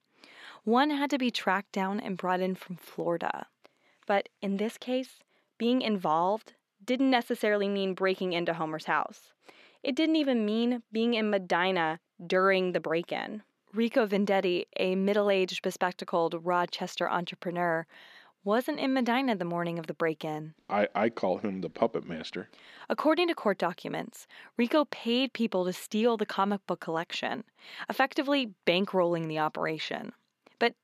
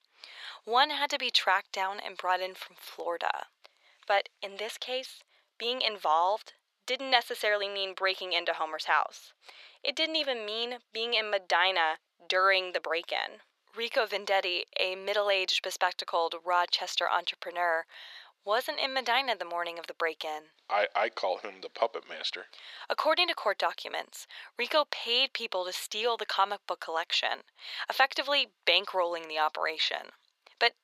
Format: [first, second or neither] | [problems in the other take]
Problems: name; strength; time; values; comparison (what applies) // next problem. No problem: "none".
first | thin; very; fading below 600 Hz